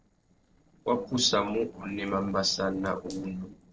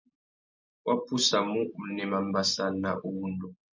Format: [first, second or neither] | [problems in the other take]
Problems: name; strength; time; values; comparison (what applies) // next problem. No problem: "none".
second | noise reduction (neural separator model SepFormer DNS4)